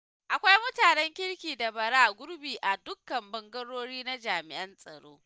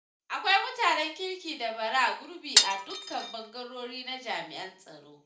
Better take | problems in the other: first | background sound (Glass); 4 dB above the speech // room echo; dies away in 0.4 s

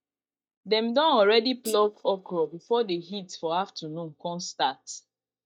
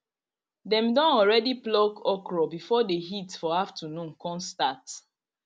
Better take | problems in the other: second | noise reduction (neural mask model DeepFilterNet 3)

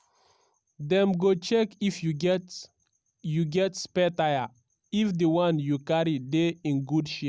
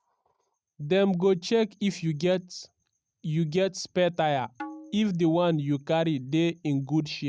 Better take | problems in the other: first | noise reduction (neural mask model RNNoise)

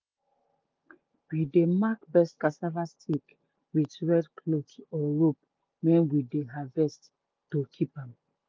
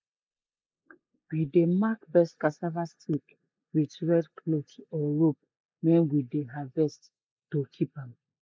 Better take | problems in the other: first | noise reduction (neural mask model Resemble Enhance denoiser)

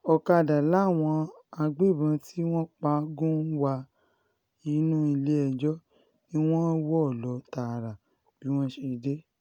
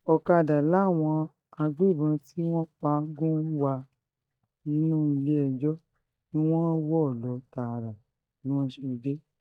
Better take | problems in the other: first | noise reduction (neural mask model DeepFilterNet 3)

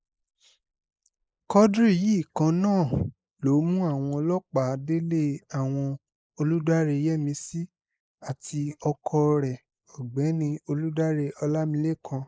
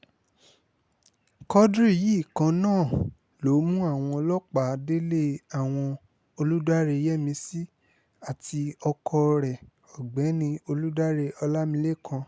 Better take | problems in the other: second | noise reduction (neural mask model Resemble Enhance denoiser)

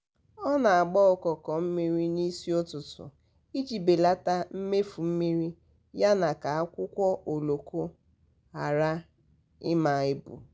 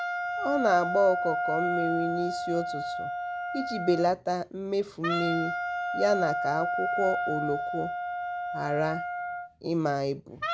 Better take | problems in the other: first | background sound (Wind instrument, woodwind instrument); 2 dB below the speech

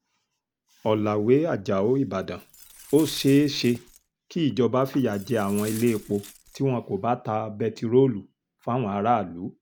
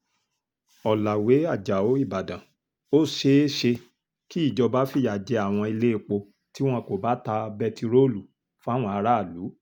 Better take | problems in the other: second | background sound (Glass); 19 dB below the speech

